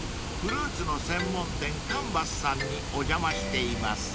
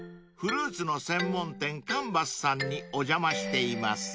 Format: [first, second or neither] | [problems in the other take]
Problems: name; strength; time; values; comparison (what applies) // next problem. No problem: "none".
second | background sound (Water); 2 dB below the speech